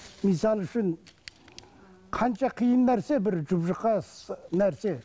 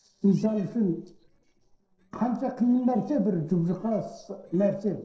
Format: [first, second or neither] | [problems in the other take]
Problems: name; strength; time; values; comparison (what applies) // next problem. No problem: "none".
first | noise reduction (neural separator model SepFormer DNS4)